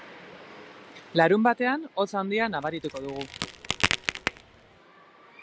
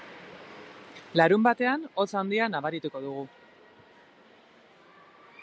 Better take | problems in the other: second | background sound (Crack); 4 dB below the speech

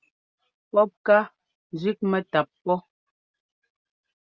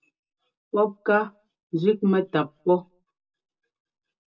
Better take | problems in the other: first | room echo; dies away in 0.2 s

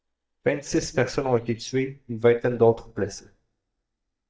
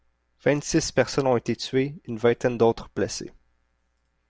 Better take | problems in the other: second | noise reduction (neural mask model DeepFilterNet 3)

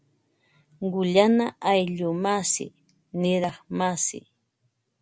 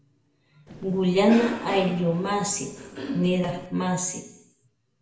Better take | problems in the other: first | background sound (Cough); 10 dB below the speech // room echo; dies away in 0.7 s

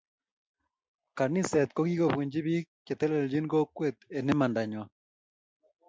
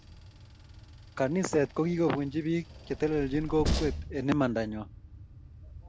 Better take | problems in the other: first | background sound (Train); 8 dB below the speech

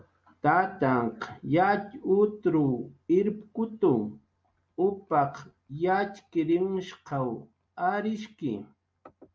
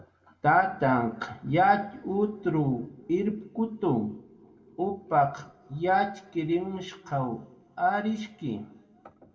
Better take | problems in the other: first | room echo; dies away in 1.3 s

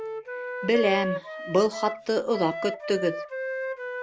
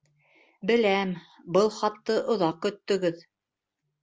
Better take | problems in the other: second | background sound (Wind instrument, woodwind instrument); 6 dB below the speech

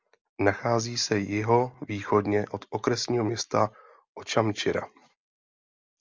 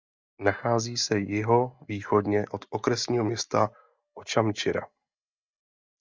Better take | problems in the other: first | noise reduction (neural mask model DeepFilterNet 3)

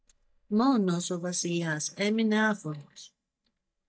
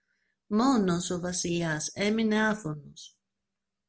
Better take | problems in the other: second | noise reduction (neural mask model DeepFilterNet 3)

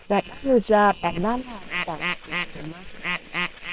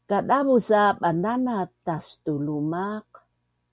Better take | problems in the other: second | noise reduction (neural separator model SepFormer WHAM!)

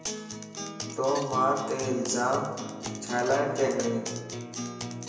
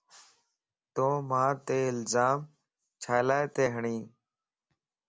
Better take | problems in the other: second | background sound (Acoustic guitar); 7 dB below the speech // room echo; dies away in 1 s

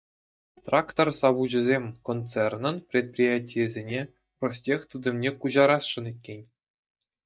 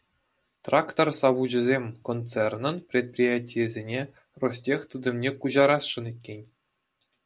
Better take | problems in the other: second | noise reduction (neural mask model DeepFilterNet 3)

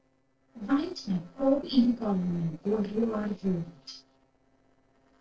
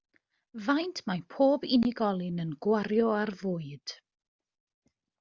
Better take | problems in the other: second | noise reduction (neural separator model SepFormer DNS4)

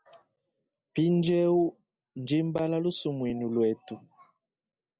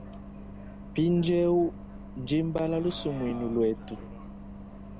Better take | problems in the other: first | background sound (Bus); 12 dB below the speech

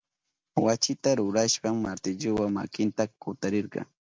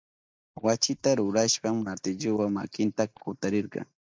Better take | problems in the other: first | noise reduction (neural mask model DeepFilterNet 3)

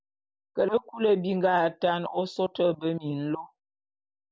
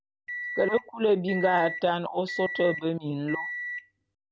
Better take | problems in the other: first | background sound (Microwave oven); 9 dB below the speech

